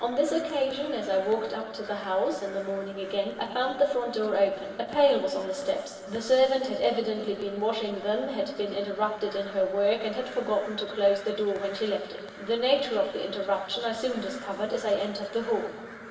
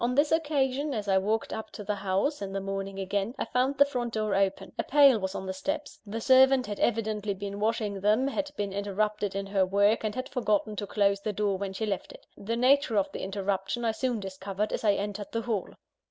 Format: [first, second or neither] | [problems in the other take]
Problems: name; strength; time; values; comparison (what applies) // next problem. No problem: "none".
second | background sound (Crow); 19 dB below the speech // room echo; dies away in 2.7 s